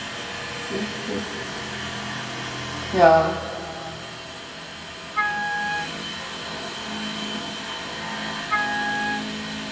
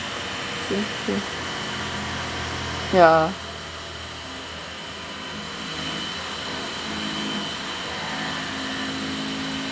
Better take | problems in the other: second | background sound (Wind instrument, woodwind instrument); 1 dB below the speech // room echo; dies away in 2.5 s

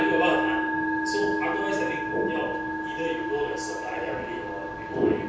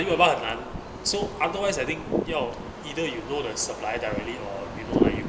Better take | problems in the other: second | background sound (Musical instrument); as loud as the speech // room echo; dies away in 0.6 s

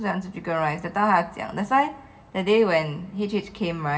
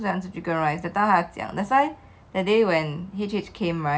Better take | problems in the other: second | room echo; dies away in 1.1 s

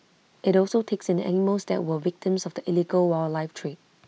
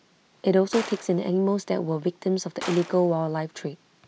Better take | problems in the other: first | background sound (Gunshot, gunfire); 16 dB below the speech

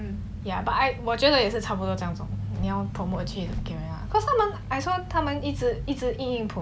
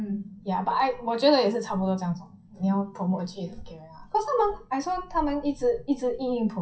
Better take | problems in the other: first | noise reduction (classical method WPE with log-MMSE)

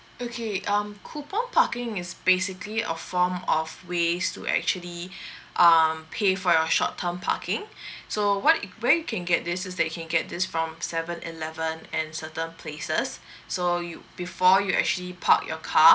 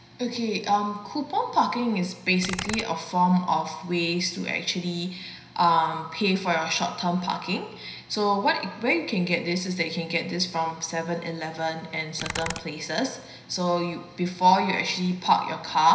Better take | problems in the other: first | background sound (Computer keyboard); 12 dB below the speech // room echo; dies away in 0.9 s

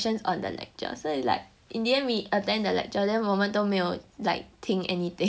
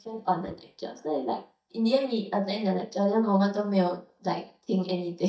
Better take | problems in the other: first | noise reduction (neural mask model DeepFilterNet 3)

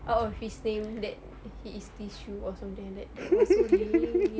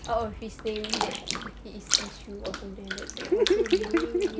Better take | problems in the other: first | background sound (Bathtub (filling or washing)); 5 dB below the speech

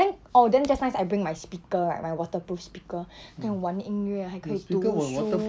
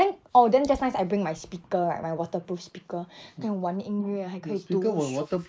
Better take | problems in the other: first | noise reduction (neural mask model Resemble Enhance denoiser)

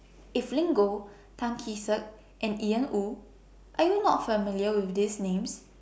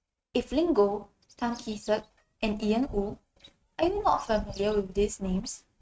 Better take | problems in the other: first | noise reduction (neural mask model RNNoise)

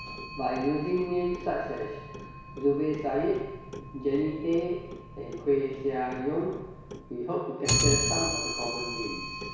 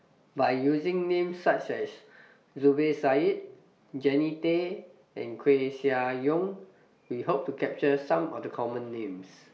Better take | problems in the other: second | background sound (Clock); 4 dB below the speech // room echo; dies away in 1.1 s

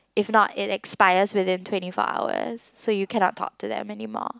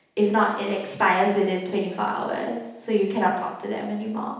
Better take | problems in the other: first | room echo; dies away in 0.8 s

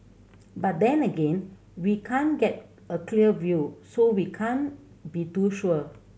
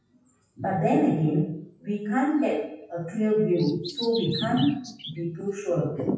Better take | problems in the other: first | noise reduction (classical method WPE with log-MMSE)

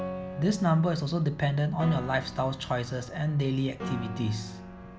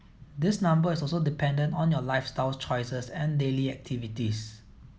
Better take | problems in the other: second | background sound (Piano); 11 dB below the speech

